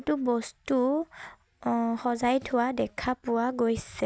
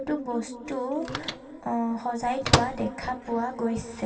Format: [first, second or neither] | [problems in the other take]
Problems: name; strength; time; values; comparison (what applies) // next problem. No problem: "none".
first | background sound (Microwave oven); as loud as the speech // room echo; dies away in 2.8 s